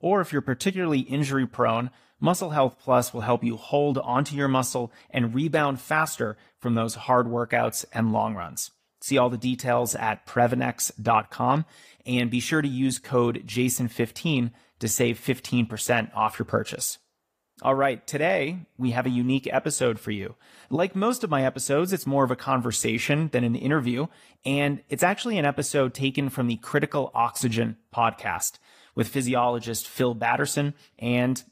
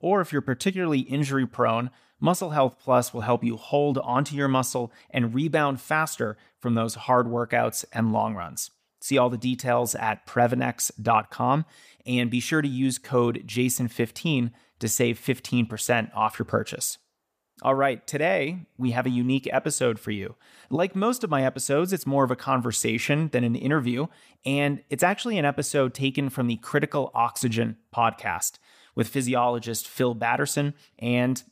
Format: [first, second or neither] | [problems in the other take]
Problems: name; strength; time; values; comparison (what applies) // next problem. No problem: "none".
second | garbled, watery; slightly; nothing above 15 kHz